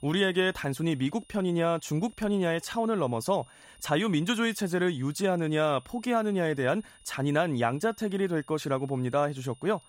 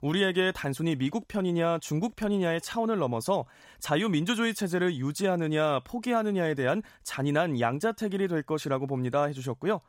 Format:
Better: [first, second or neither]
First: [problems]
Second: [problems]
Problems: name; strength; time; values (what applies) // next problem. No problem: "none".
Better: second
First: high-pitched whine; faint; throughout; 9.5 kHz, 30 dB below the speech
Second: none